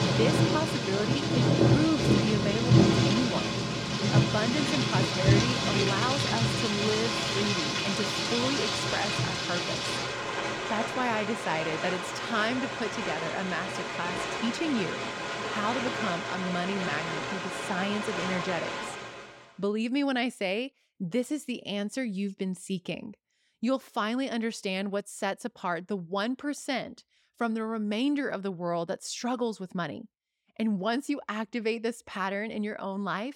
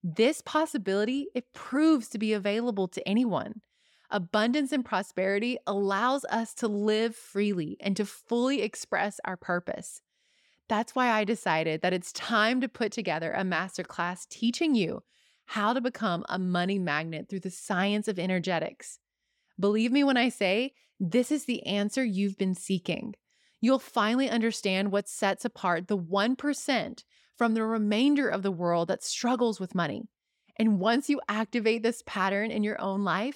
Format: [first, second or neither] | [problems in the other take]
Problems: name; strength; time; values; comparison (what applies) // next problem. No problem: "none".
second | rain or running water; very loud; until 19 s; 4 dB above the speech